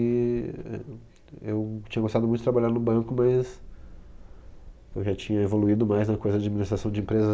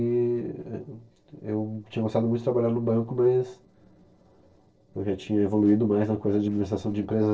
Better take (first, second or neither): first